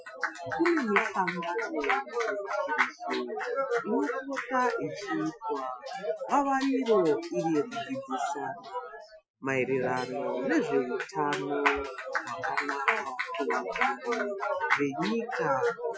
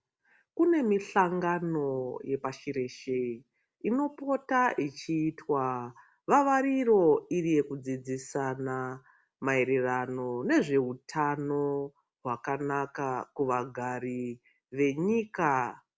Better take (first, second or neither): second